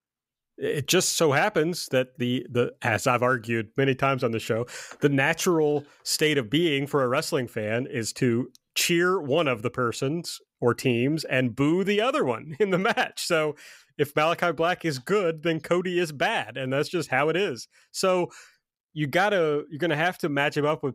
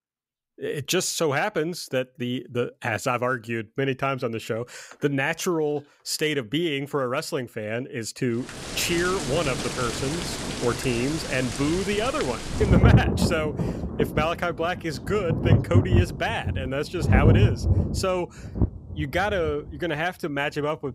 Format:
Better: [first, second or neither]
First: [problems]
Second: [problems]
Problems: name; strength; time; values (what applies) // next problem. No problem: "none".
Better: first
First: none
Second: rain or running water; very loud; from 8.5 s on; 2 dB above the speech